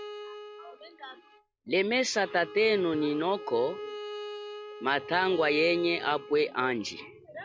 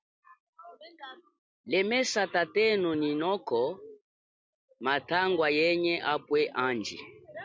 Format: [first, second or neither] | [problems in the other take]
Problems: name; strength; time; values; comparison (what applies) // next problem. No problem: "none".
second | background sound (Bowed string instrument); 13 dB below the speech